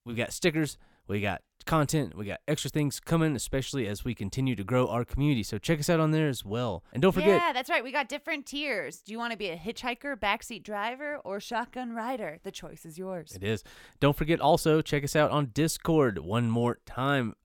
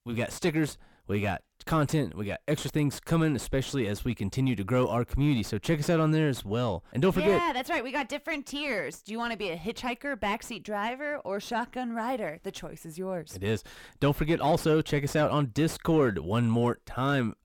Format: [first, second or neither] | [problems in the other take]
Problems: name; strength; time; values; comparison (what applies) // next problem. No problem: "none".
first | distortion; slight; 10 dB below the speech